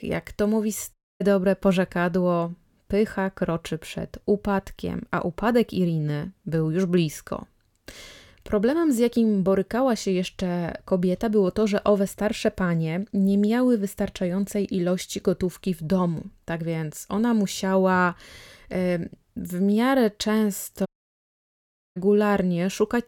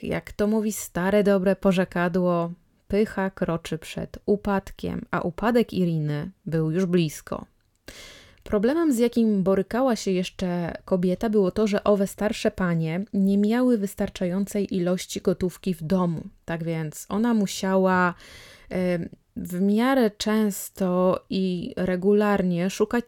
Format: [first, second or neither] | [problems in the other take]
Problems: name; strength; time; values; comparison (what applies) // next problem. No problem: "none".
second | audio cutting out; at 1 s and at 21 s for 1 s